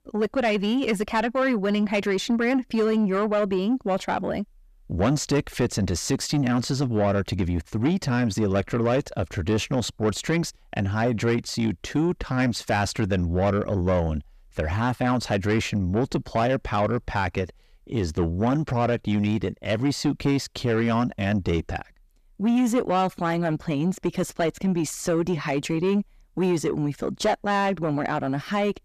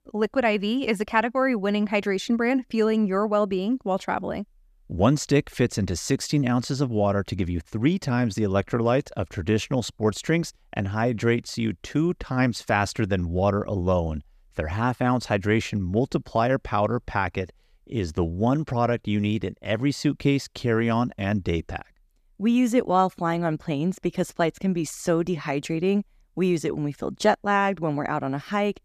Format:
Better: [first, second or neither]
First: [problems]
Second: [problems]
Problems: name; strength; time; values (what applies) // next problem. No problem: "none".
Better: second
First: distortion; slight; 10 dB below the speech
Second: none